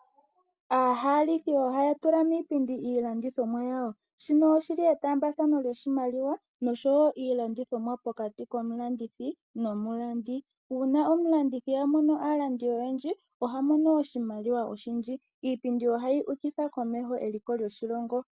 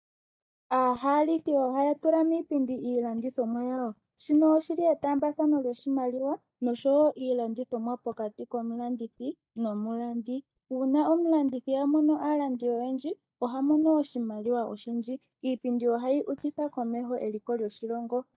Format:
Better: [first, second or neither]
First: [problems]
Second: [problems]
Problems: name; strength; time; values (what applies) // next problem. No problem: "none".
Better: first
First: none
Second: noise reduction (neural mask model DeepFilterNet 3)